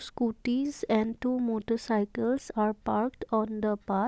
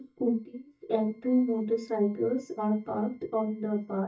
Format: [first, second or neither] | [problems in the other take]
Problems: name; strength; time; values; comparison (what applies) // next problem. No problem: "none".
first | noise reduction (neural mask model DeepFilterNet 3)